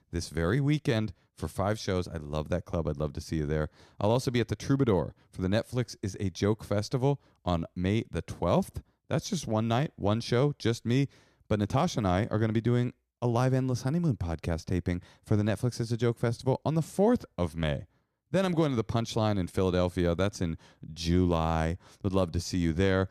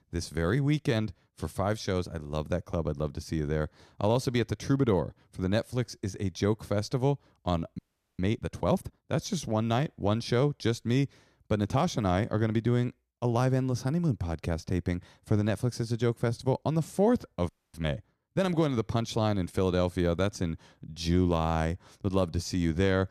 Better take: first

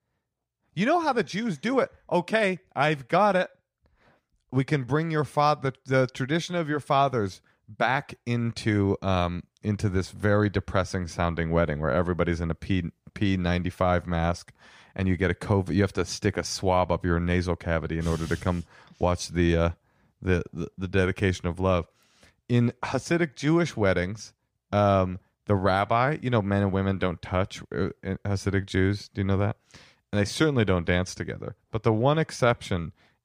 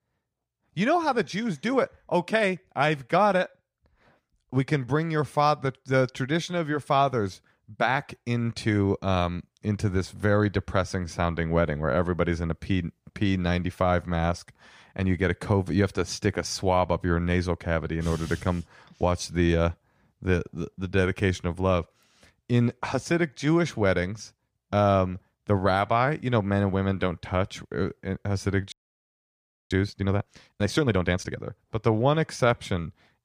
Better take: first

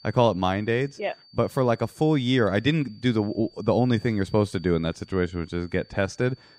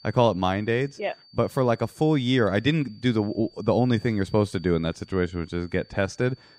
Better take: neither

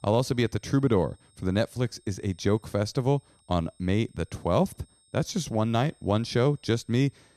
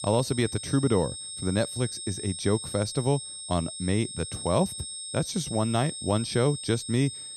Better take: first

